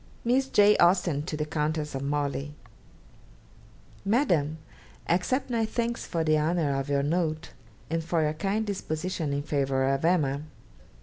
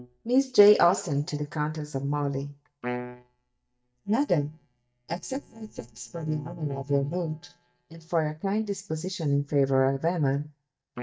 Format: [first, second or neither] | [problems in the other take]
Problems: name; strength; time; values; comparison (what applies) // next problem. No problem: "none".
first | noise reduction (neural mask model DeepFilterNet 3)